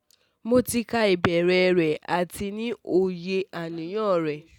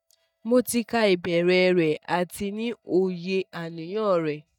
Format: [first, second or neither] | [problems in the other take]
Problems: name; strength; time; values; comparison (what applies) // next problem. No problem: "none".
first | noise reduction (neural mask model DeepFilterNet 3)